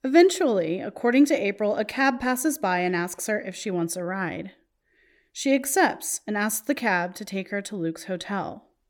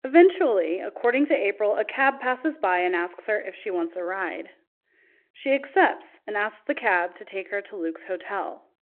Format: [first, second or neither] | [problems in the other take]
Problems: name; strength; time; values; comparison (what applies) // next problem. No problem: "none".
first | phone-call audio